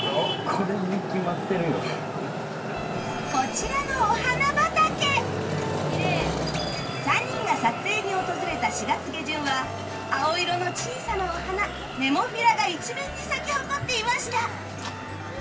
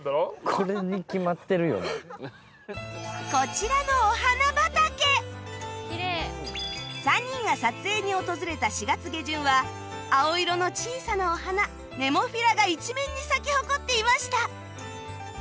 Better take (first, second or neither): second